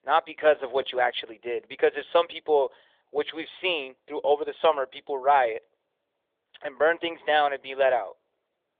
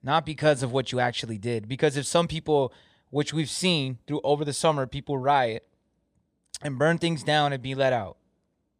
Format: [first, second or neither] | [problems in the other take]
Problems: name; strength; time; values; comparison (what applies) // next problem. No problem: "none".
second | phone-call audio; nothing above 3.5 kHz